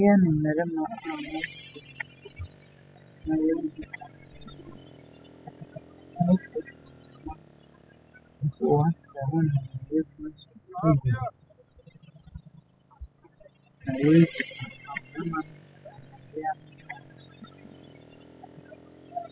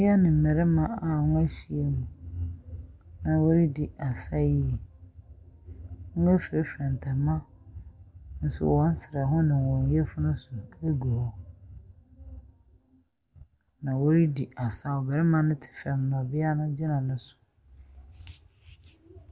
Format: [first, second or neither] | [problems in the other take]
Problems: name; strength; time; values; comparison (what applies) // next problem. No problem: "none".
second | noise reduction (classical method spectral subtraction)